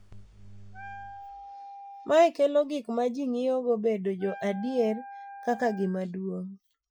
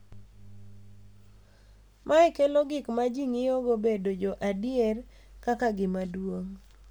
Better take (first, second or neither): second